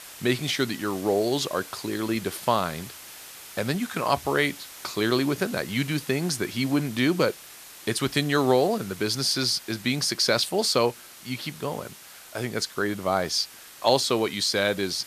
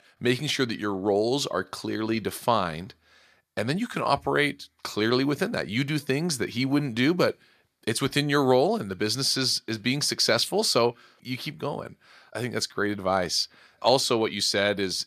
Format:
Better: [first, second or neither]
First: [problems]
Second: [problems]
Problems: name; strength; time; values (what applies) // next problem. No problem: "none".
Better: second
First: hiss; noticeable; throughout; 15 dB below the speech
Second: none